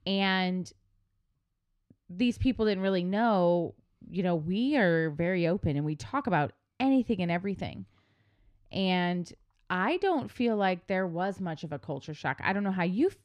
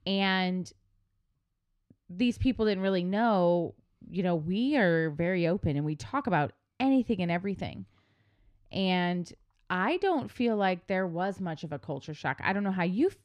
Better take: neither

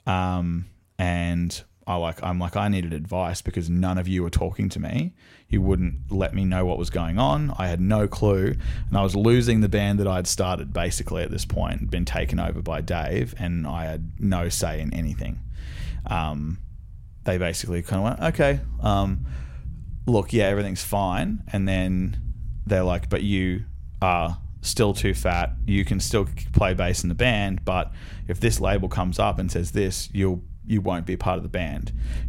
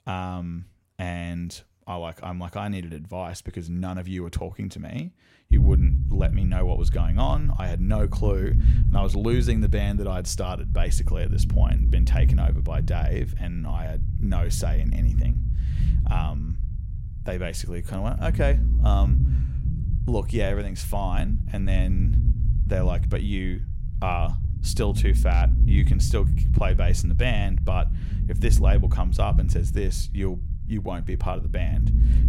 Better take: first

